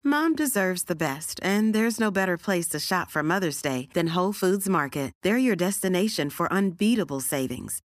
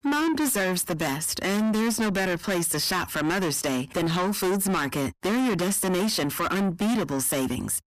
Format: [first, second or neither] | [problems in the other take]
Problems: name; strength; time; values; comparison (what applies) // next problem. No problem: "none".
first | distortion; heavy; 6 dB below the speech